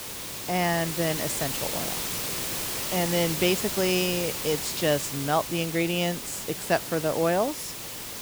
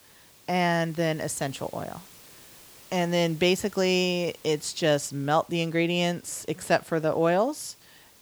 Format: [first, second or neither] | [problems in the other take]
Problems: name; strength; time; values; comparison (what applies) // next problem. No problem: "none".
second | hiss; loud; throughout; 3 dB below the speech; faint in the second